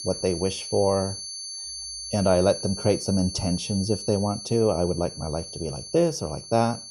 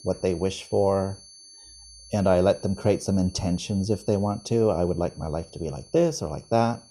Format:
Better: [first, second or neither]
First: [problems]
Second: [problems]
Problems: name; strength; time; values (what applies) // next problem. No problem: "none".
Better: second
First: high-pitched whine; loud; throughout; 4.5 kHz, 9 dB below the speech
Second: high-pitched whine; faint; throughout; 4.5 kHz, 20 dB below the speech